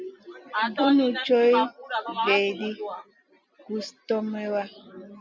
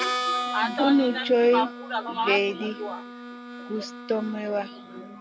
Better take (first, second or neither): first